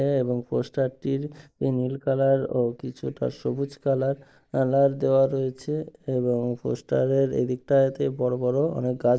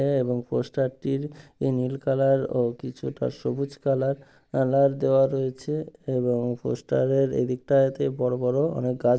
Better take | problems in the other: second | noise reduction (neural mask model Resemble Enhance denoiser)

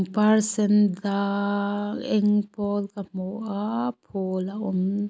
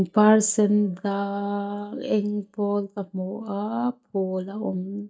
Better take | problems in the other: first | noise reduction (neural mask model DeepFilterNet 3)

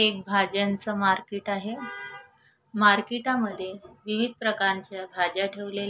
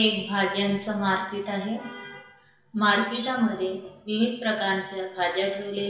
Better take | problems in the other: first | background sound (Tools); 16 dB below the speech // room echo; dies away in 0.8 s

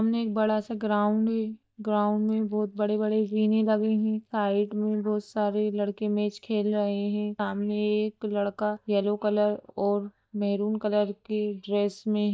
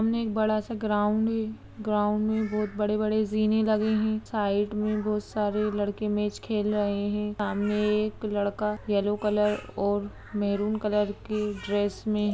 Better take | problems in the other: second | noise reduction (neural mask model DeepFilterNet 3)

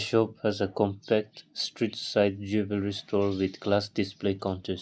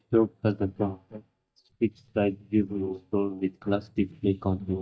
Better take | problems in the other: first | noise reduction (neural mask model DeepFilterNet 3)

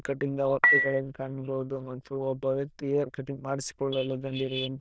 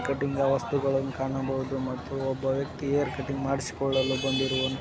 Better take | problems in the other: second | noise reduction (neural diffusion model UNIVERSE++)

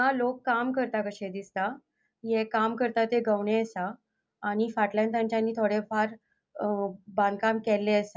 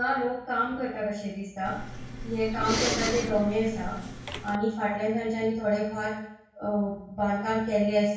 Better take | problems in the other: first | background sound (Respiratory sounds); 5 dB below the speech // room echo; dies away in 0.6 s

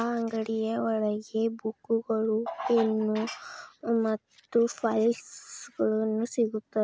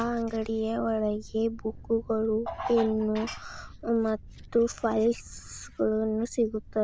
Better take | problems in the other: first | background sound (Thunder); 18 dB below the speech

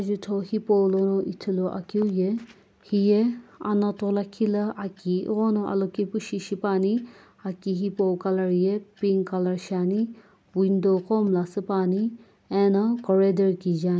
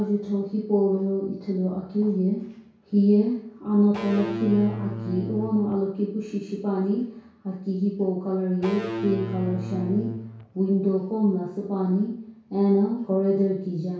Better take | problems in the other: first | background sound (Electric guitar / Bass guitar); 8 dB below the speech // room echo; dies away in 0.6 s

